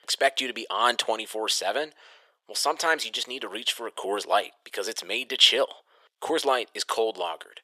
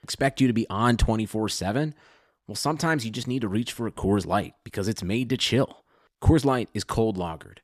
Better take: second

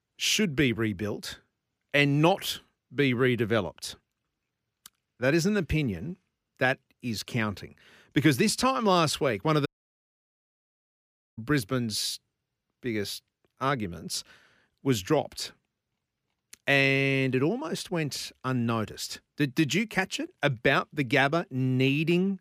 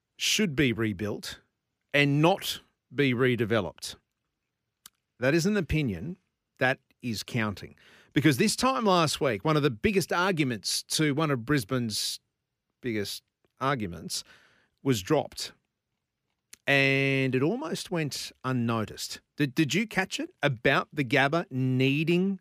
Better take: second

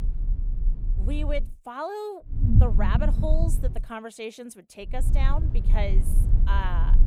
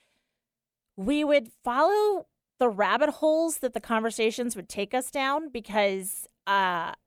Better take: second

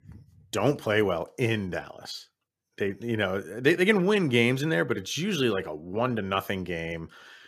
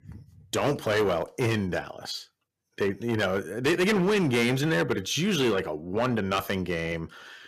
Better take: first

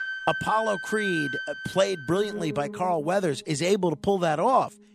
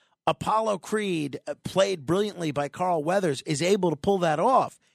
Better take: second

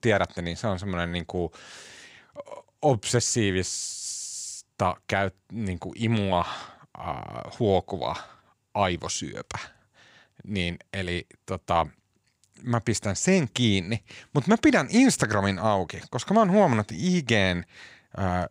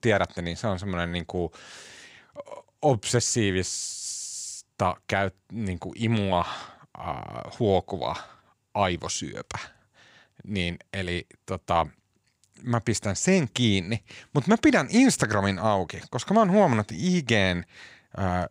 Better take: neither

